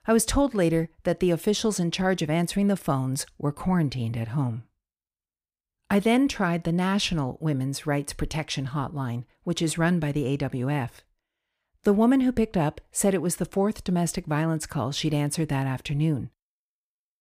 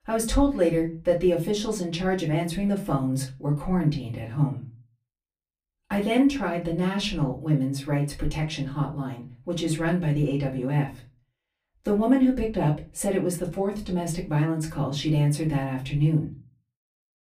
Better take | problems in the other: first | off-mic speech; far // room echo; very slight; dies away in 0.3 s

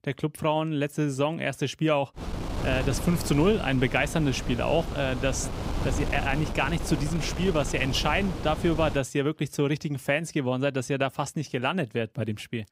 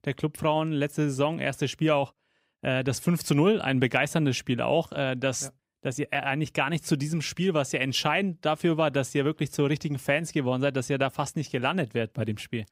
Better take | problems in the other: second | wind noise on the microphone; heavy; from 2 to 9 s; 10 dB below the speech

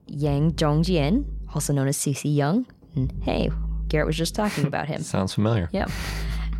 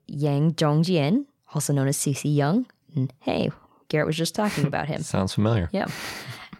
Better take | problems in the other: second | low rumble; faint; throughout; 20 dB below the speech

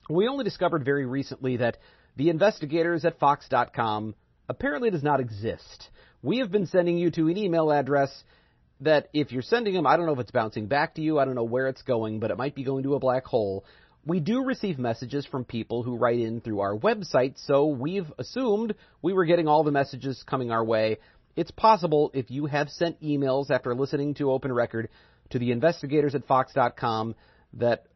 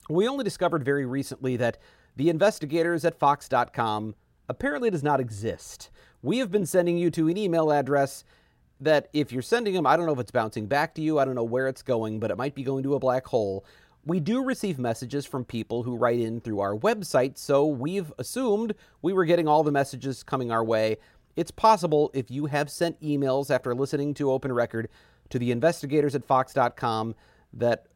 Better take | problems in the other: second | garbled, watery; slightly; nothing above 6 kHz

